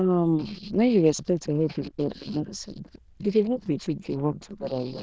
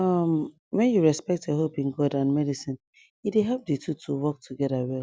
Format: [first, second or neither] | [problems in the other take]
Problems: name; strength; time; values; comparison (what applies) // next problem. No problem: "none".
second | noise reduction (neural diffusion model UNIVERSE++)